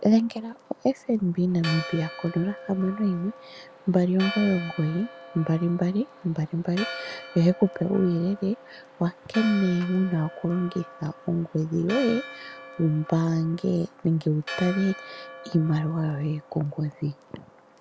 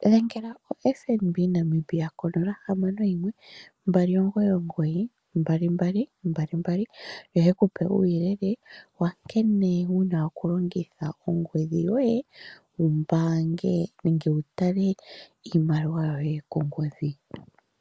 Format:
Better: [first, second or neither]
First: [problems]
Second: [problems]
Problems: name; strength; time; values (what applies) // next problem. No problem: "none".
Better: second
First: background sound (Church bell); 15 dB below the speech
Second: none